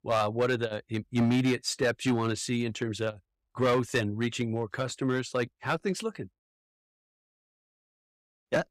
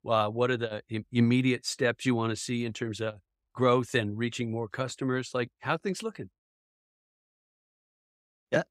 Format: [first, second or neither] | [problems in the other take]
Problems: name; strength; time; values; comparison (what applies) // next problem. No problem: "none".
second | distortion; slight; 4% of the sound clipped